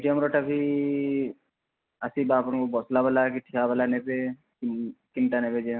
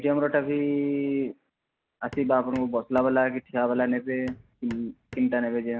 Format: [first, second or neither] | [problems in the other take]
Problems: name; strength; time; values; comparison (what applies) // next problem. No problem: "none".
first | background sound (Hammer); 20 dB below the speech